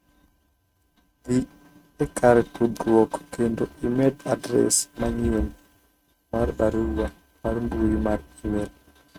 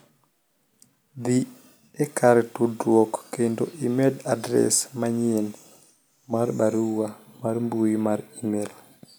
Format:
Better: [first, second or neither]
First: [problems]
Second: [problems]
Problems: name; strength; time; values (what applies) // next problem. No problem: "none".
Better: second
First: noise reduction (neural mask model RNNoise)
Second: none